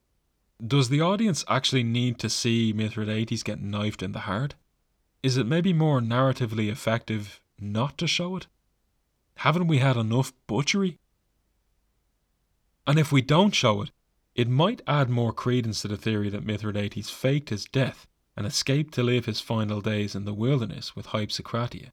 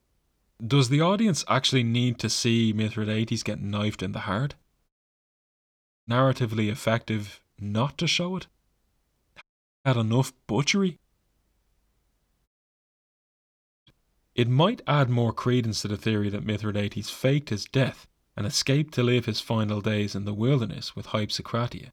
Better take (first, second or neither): first